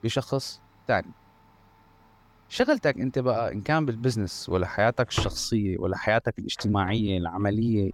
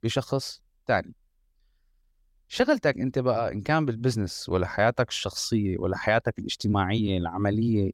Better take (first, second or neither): second